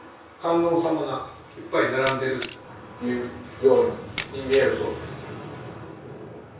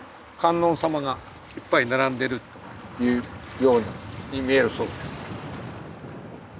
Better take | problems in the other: second | background sound (Camera); 14 dB below the speech // room echo; dies away in 0.6 s

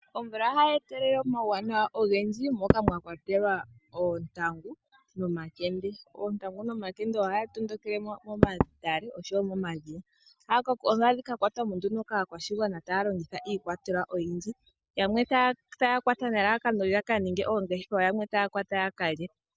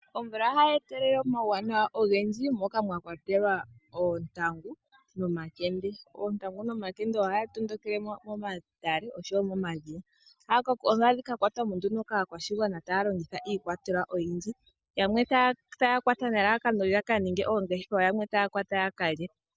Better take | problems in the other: second | background sound (Knock / Wood); 2 dB above the speech

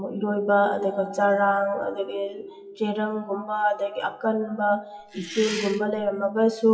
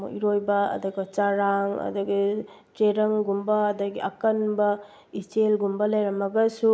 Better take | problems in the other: second | noise reduction (classical method WPE with log-MMSE)

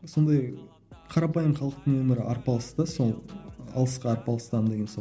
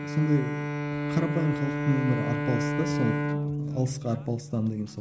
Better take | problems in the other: first | background sound (Bowed string instrument); 1 dB below the speech

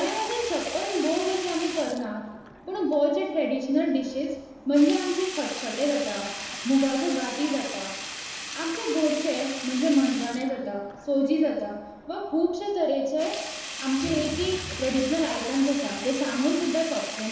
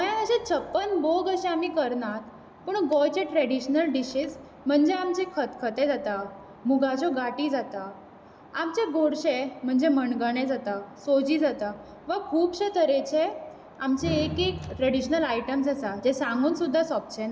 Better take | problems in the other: second | background sound (Sink (filling or washing)); 11 dB below the speech // room echo; dies away in 1.1 s

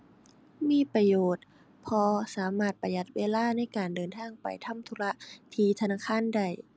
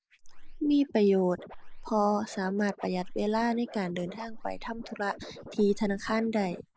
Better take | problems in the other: first | noise reduction (neural mask model Resemble Enhance denoiser)

